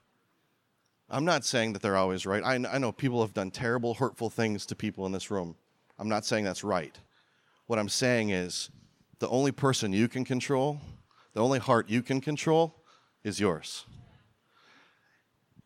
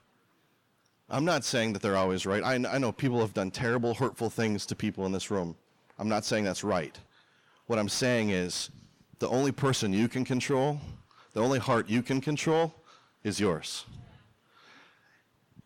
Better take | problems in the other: first | distortion; slight; 10 dB below the speech

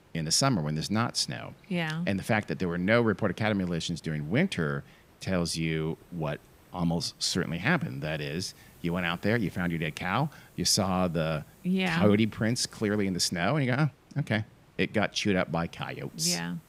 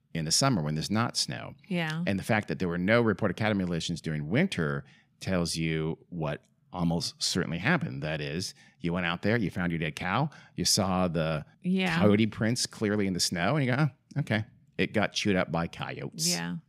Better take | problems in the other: second | hiss; faint; throughout; 30 dB below the speech

